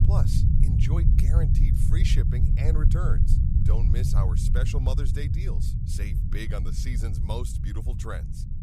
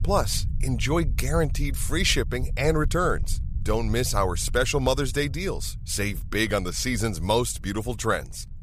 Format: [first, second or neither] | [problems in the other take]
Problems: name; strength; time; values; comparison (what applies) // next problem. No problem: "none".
second | low rumble; loud; throughout; 1 dB below the speech; faint in the second